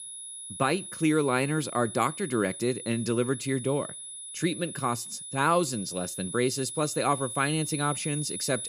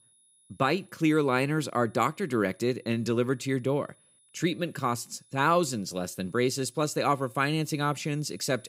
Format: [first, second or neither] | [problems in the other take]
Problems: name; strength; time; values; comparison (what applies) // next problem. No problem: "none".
second | high-pitched whine; loud; throughout; 10 kHz, 8 dB below the speech; faint in the second